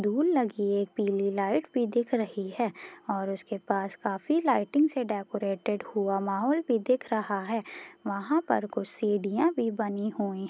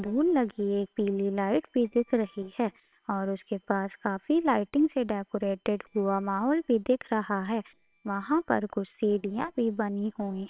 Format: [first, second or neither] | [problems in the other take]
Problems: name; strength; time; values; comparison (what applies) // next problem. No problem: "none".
first | noise reduction (neural separator model SepFormer WHAMR!)